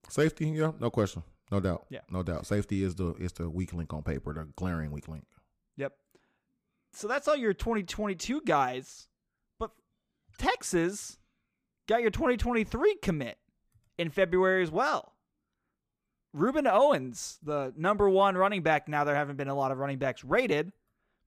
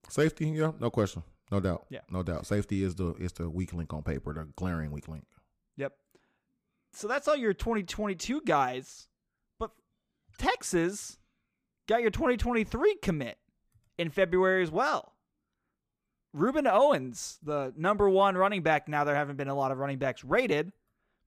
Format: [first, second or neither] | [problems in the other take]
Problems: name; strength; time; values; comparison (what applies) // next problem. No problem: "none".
neither | none